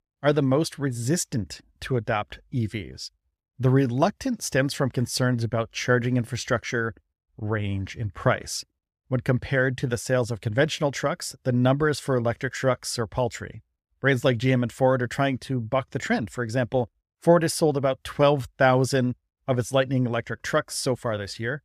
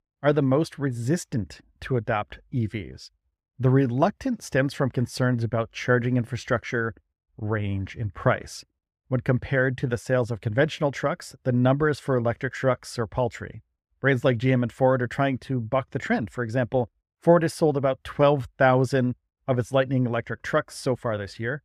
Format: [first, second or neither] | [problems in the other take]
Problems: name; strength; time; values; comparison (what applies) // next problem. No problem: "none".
first | muffled; slightly; fading above 3 kHz